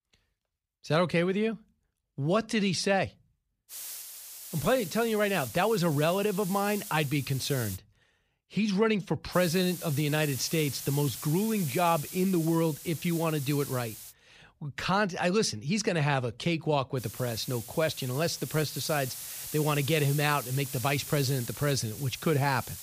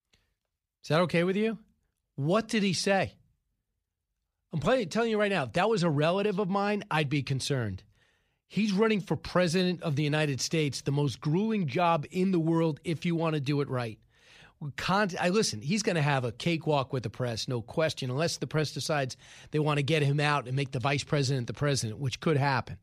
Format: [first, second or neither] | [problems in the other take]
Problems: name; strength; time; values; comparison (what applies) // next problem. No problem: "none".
second | hiss; noticeable; from 3.5 to 8 s, from 9.5 to 14 s and from 17 s on; 10 dB below the speech